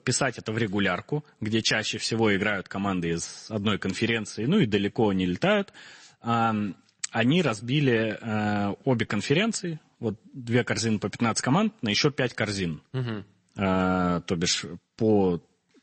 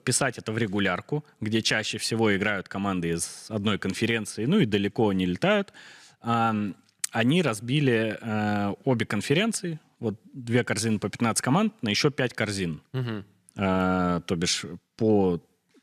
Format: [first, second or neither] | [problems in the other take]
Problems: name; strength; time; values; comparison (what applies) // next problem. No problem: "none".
second | garbled, watery; slightly; nothing above 8 kHz